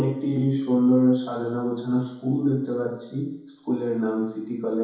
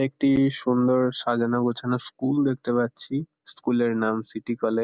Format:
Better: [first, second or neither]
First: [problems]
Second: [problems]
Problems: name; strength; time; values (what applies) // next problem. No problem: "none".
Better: second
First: room echo; dies away in 2.2 s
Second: none